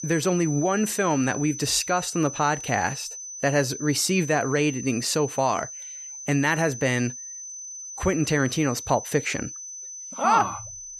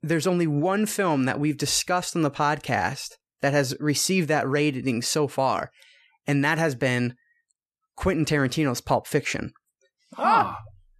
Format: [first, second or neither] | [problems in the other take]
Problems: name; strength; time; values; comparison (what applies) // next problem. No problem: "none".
second | high-pitched whine; noticeable; throughout; 6 kHz, 10 dB below the speech